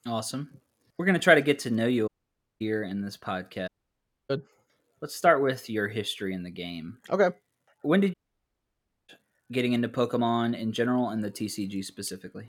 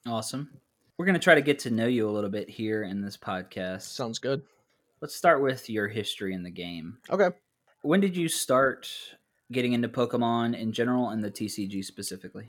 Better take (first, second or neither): second